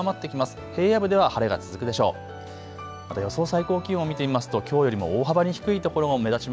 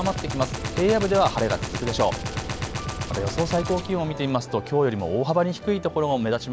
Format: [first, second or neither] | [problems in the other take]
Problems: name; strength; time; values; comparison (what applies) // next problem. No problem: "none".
first | background sound (Gunshot, gunfire); 8 dB below the speech